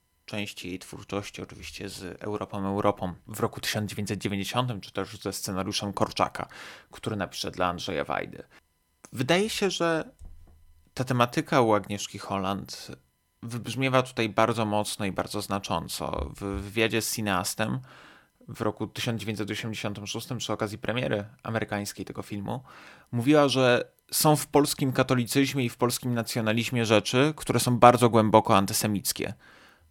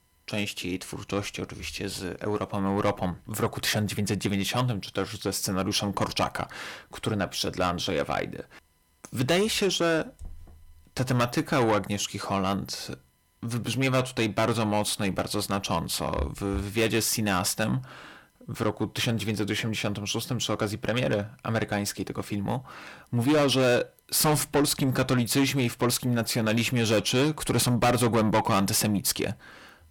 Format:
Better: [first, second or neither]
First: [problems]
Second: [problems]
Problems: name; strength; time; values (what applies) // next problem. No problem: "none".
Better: first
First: none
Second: distortion; heavy; 6 dB below the speech